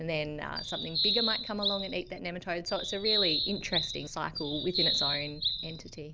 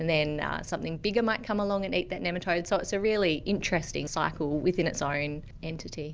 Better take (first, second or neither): second